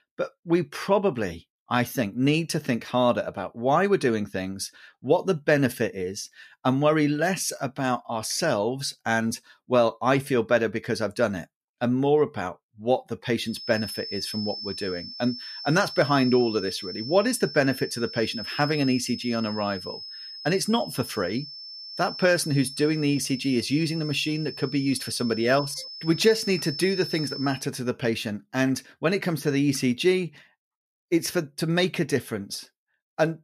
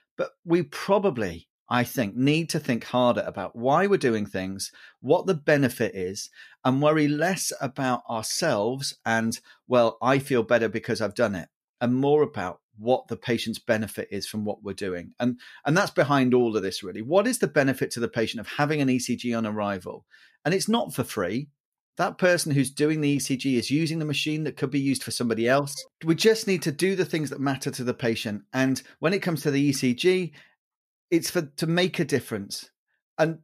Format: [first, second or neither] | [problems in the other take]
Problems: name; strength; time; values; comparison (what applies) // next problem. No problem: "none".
second | high-pitched whine; loud; from 14 to 28 s; 5.5 kHz, 10 dB below the speech